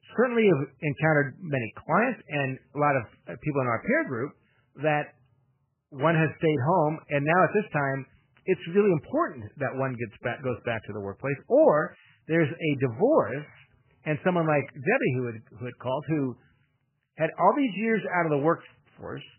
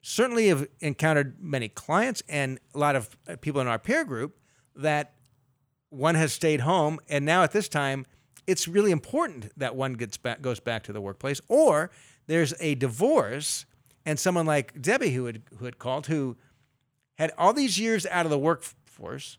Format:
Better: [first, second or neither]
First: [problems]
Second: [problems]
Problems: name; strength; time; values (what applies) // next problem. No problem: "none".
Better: second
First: garbled, watery; badly; nothing above 3 kHz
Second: none